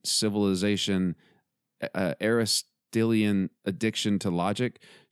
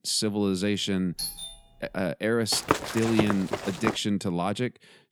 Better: first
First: none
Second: doorbell; noticeable; at 1 s; peak 5 dB below the speech // footsteps; loud; from 2.5 to 4 s; peak level with the speech

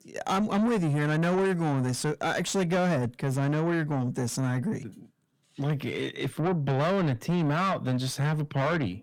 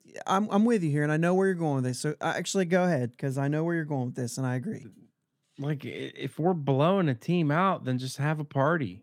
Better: second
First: distortion; heavy; 7 dB below the speech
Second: none

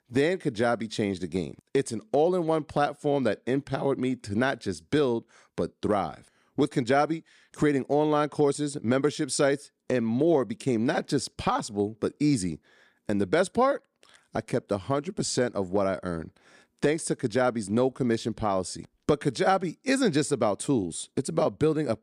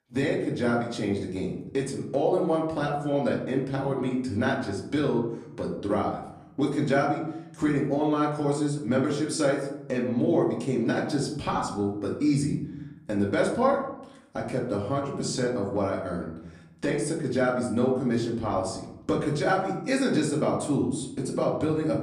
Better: first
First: none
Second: room echo; slight; dies away in 0.7 s // off-mic speech; far

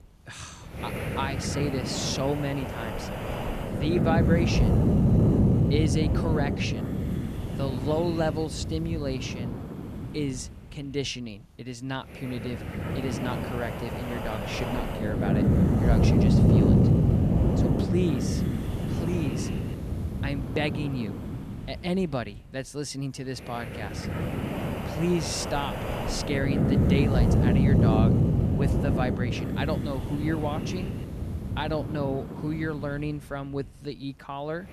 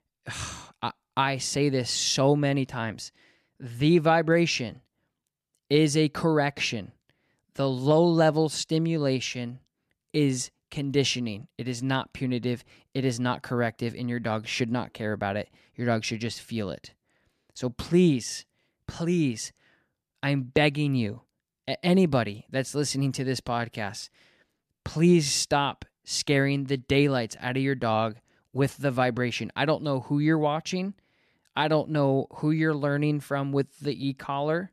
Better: second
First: wind noise on the microphone; heavy; as loud as the speech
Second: none

